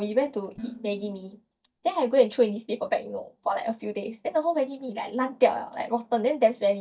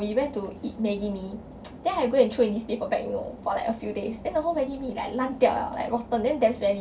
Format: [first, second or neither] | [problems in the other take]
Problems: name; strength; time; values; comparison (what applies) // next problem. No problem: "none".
second | noise reduction (neural mask model DeepFilterNet 3)